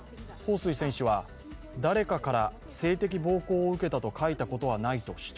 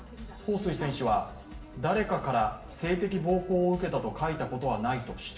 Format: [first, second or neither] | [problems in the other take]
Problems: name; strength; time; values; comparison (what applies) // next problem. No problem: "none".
first | room echo; dies away in 1.1 s